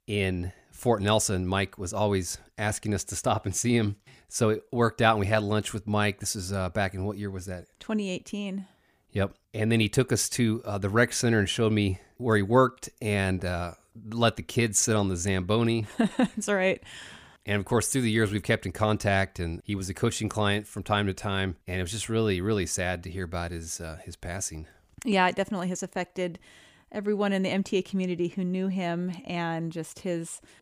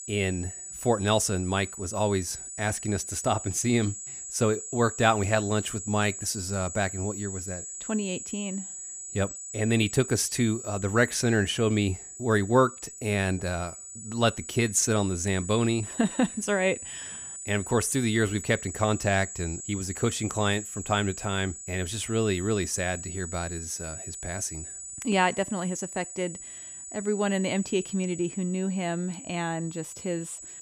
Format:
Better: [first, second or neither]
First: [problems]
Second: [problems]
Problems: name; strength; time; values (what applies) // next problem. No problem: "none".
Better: first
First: none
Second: high-pitched whine; loud; throughout; 7.5 kHz, 9 dB below the speech